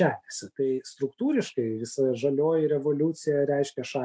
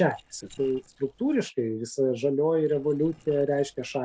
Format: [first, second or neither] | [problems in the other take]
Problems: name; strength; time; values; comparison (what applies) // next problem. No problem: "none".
first | noise reduction (neural separator model SepFormer DNS4)